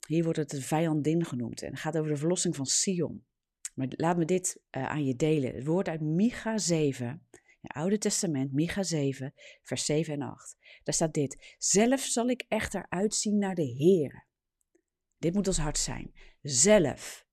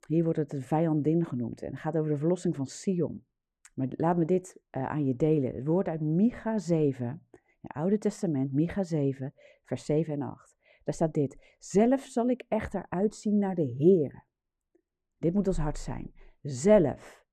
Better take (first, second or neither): first